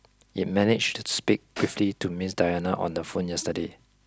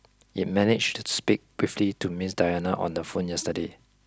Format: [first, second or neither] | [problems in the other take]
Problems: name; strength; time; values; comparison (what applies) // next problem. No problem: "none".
second | background sound (Snare drum); 18 dB below the speech